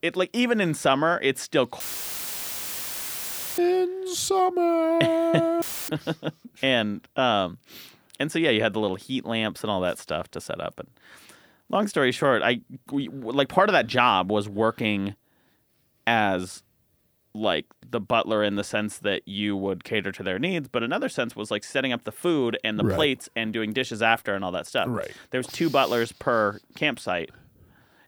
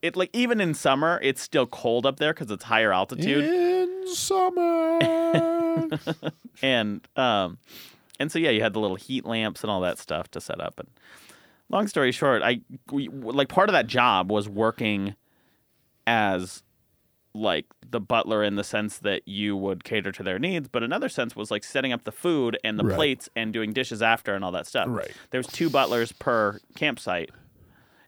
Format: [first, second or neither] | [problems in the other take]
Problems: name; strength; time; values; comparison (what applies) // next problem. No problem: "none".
second | audio cutting out; filled with static; at 2 s for 2 s and at 5.5 s